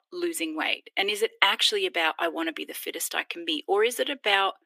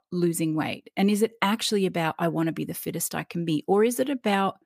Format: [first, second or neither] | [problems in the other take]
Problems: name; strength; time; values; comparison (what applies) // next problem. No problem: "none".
second | thin; very; fading below 300 Hz